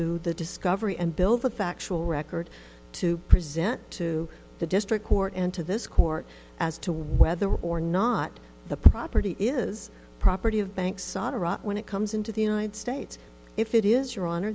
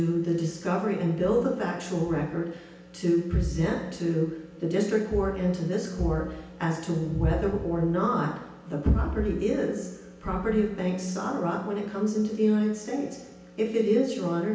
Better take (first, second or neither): first